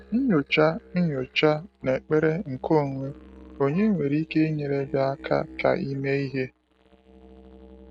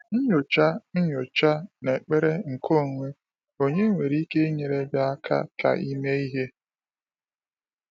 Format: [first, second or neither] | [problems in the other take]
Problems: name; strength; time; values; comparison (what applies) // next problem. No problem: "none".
second | noise reduction (neural mask model RNNoise)